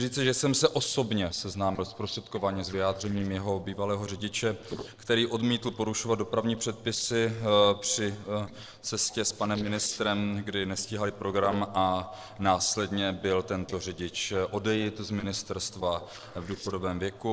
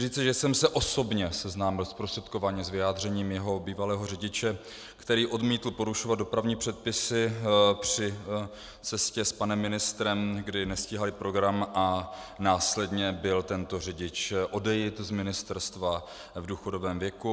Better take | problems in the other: second | noise reduction (neural separator model SepFormer DNS4)

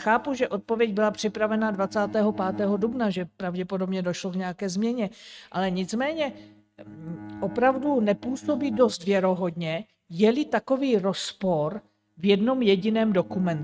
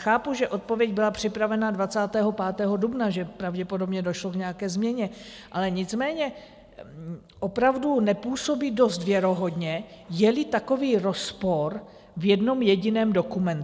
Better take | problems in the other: second | noise reduction (neural mask model RNNoise)

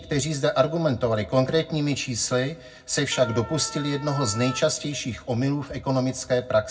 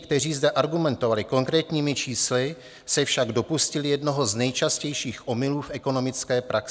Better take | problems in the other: second | background sound (Wind instrument, woodwind instrument); 13 dB below the speech // room echo; dies away in 0.3 s

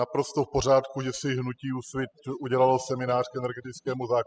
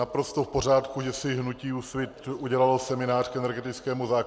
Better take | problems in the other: second | noise reduction (classical method spectral subtraction)

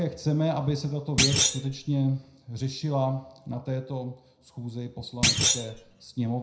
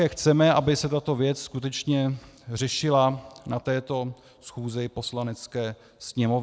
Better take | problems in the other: second | background sound (Thump, thud); 3 dB above the speech // room echo; dies away in 0.5 s

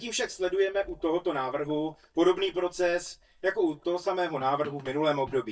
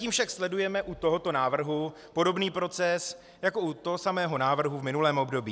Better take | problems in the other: second | noise reduction (neural mask model DeepFilterNet 3)

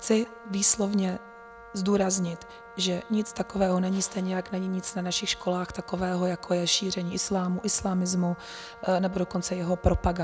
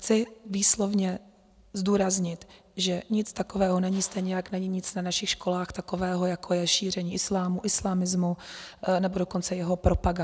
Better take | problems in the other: second | background sound (Wind instrument, woodwind instrument); 19 dB below the speech

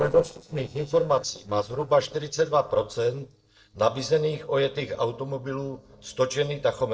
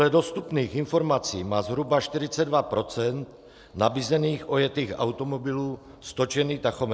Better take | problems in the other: second | noise reduction (neural separator model SepFormer DNS4)

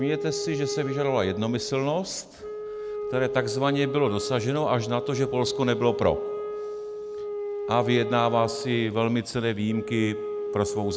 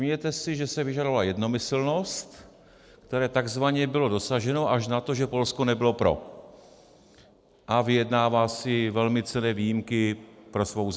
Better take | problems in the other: second | background sound (Wind instrument, woodwind instrument); 6 dB below the speech

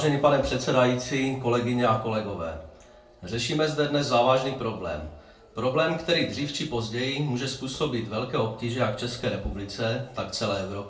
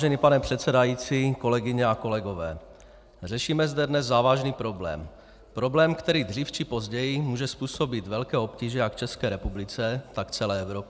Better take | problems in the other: second | room echo; dies away in 0.3 s

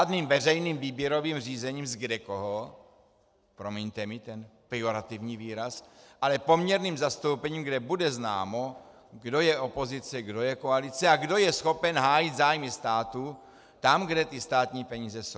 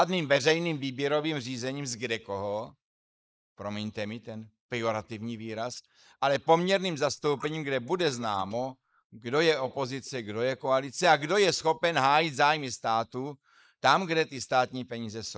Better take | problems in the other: first | noise reduction (neural mask model Resemble Enhance denoiser)

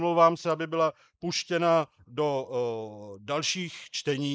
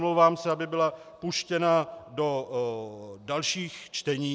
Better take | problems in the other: second | noise reduction (neural mask model Resemble Enhance denoiser)

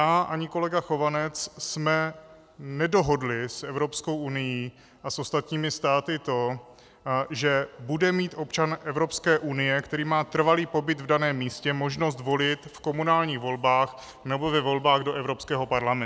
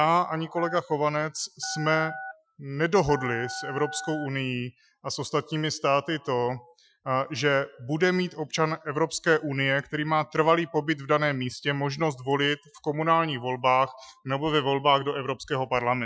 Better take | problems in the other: first | noise reduction (classical method Wiener filter)

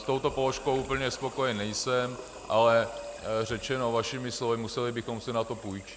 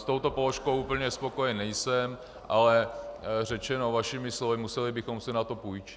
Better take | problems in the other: second | background sound (Sink (filling or washing) / Water tap, faucet); 20 dB below the speech

